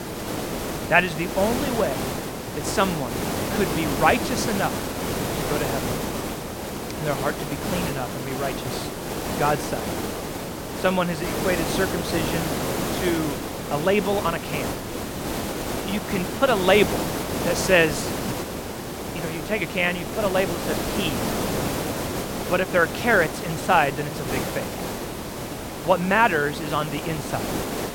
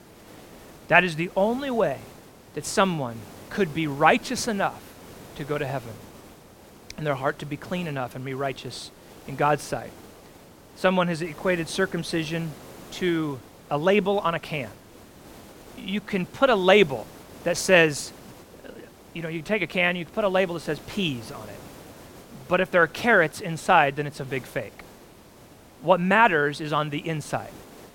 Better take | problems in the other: second | hiss; loud; throughout; 4 dB below the speech; faint in the second

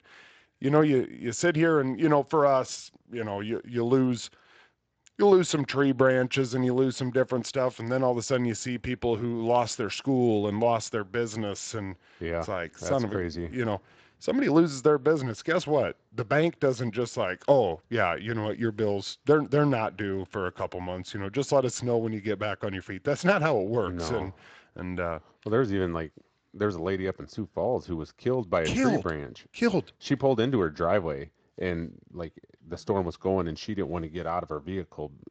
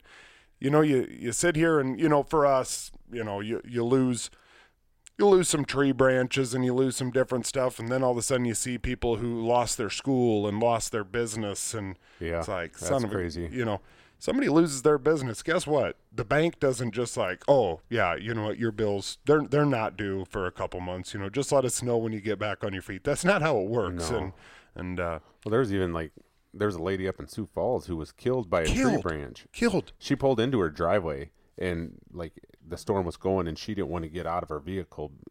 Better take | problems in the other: second | garbled, watery; slightly; nothing above 7.5 kHz

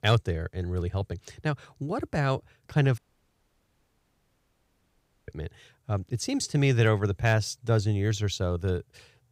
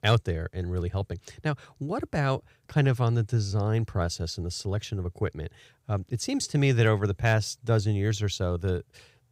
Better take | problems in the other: second | audio cutting out; at 3 s for 2.5 s

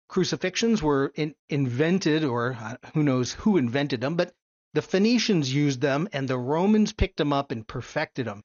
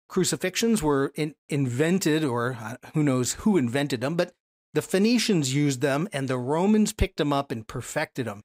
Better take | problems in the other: second | garbled, watery; slightly; nothing above 6.5 kHz

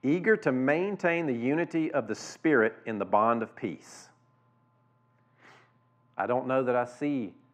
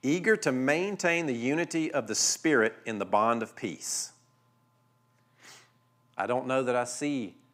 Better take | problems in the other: second | muffled; very; fading above 3.5 kHz

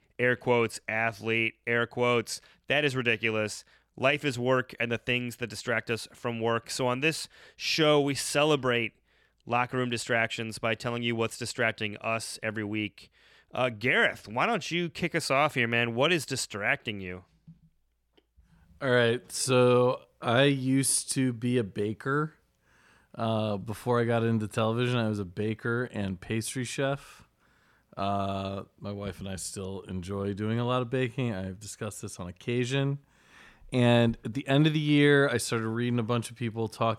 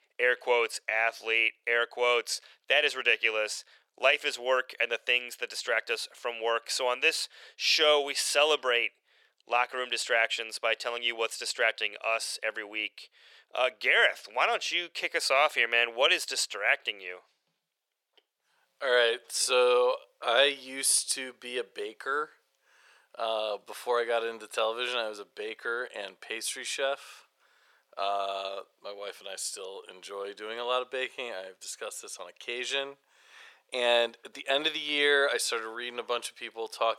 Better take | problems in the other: first | thin; very; fading below 500 Hz

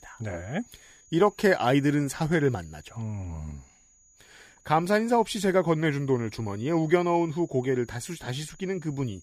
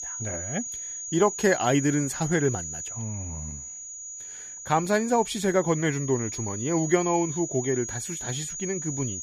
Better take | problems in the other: first | high-pitched whine; loud; throughout; 6.5 kHz, 7 dB below the speech; faint in the first

